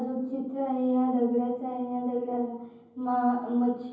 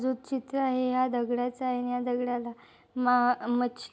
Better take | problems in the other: second | room echo; dies away in 0.9 s

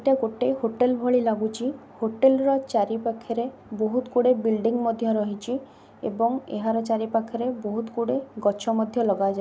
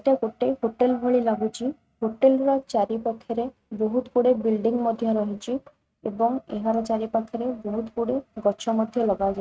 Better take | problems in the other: first | noise reduction (neural mask model RNNoise)

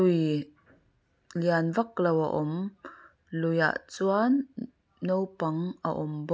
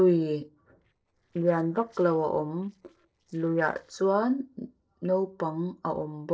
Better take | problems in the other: first | noise reduction (neural separator model SepFormer DNS4)

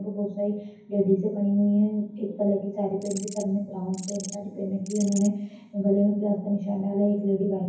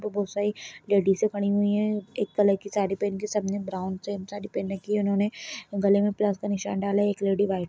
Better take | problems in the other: second | background sound (Insect); 16 dB below the speech // room echo; dies away in 0.9 s

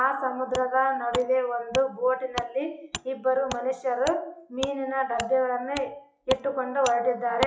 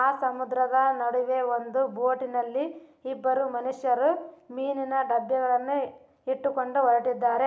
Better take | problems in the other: second | noise reduction (classical method WPE with log-MMSE)

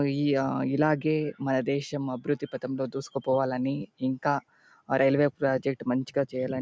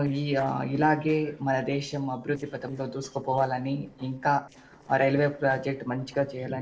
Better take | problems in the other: first | noise reduction (neural separator model SepFormer DNS4)

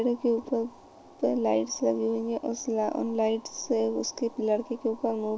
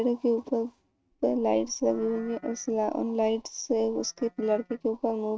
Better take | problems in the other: first | noise reduction (neural mask model RNNoise)

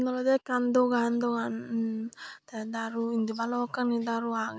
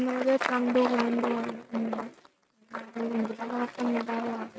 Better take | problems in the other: first | noise reduction (neural mask model RNNoise)

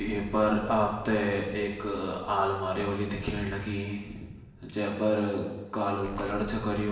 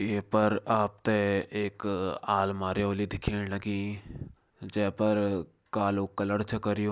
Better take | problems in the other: second | background sound (Explosion); 18 dB below the speech // room echo; dies away in 1.2 s

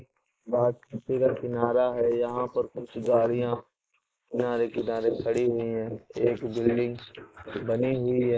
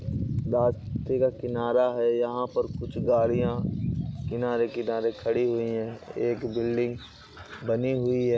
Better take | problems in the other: second | noise reduction (neural mask model Resemble Enhance denoiser)

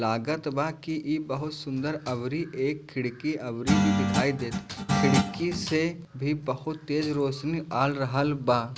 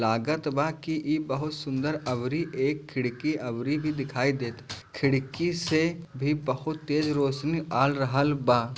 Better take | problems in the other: second | background sound (Guitar); 2 dB above the speech

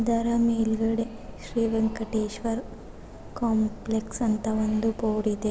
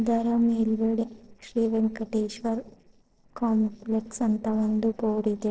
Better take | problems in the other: first | noise reduction (neural separator model SepFormer DNS4)

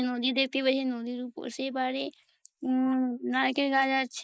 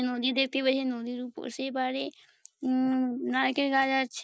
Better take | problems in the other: second | noise reduction (neural mask model Resemble Enhance denoiser)

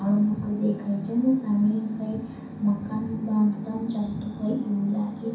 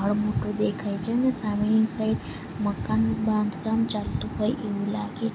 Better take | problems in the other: second | room echo; dies away in 0.6 s

